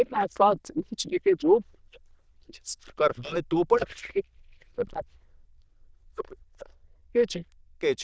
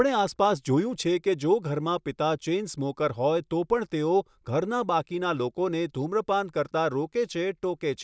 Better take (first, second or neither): second